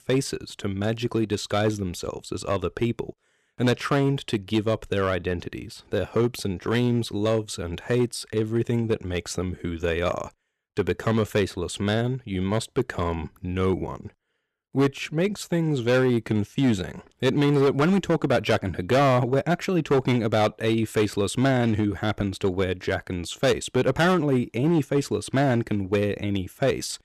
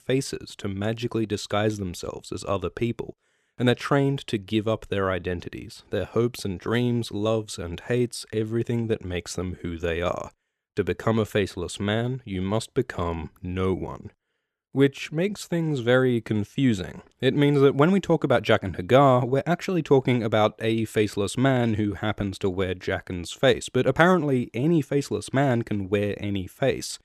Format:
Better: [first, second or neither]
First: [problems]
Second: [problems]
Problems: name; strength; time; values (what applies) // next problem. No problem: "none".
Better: second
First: distortion; slight; 5% of the sound clipped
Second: none